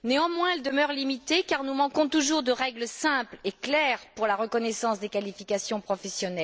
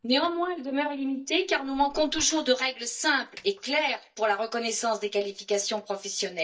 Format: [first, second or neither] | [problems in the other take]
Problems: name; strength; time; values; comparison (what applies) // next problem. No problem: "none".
first | noise reduction (neural mask model DeepFilterNet 3)